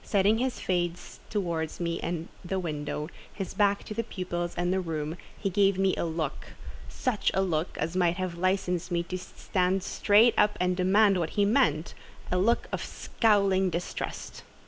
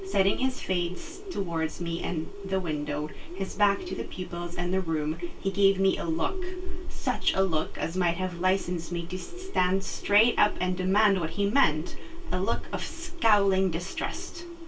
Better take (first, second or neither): first